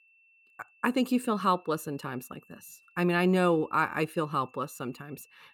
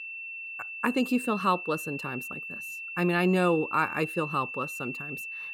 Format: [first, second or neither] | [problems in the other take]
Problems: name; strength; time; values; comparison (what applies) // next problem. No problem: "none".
first | high-pitched whine; loud; throughout; 2.5 kHz, 7 dB below the speech; faint in the first